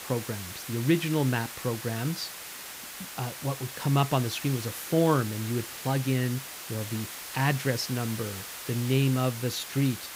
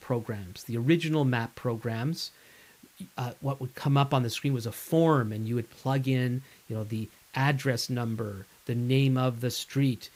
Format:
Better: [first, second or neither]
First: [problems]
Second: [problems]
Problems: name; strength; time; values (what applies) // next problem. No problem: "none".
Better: second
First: hiss; loud; throughout; 9 dB below the speech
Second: hiss; faint; throughout; 25 dB below the speech